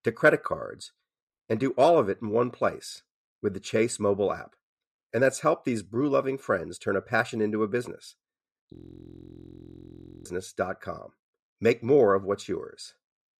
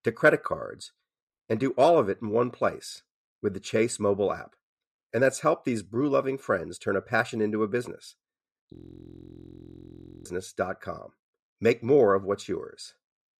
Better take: neither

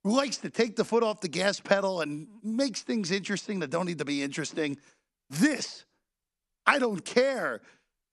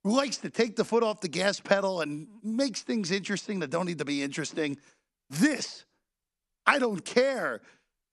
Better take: neither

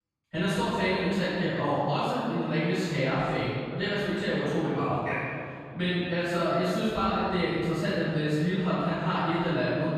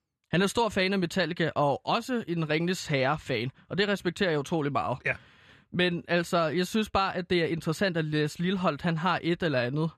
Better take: second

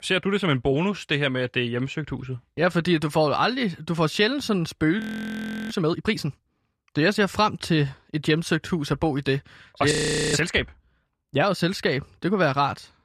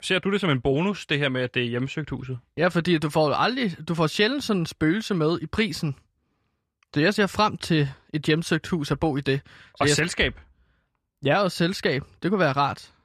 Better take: second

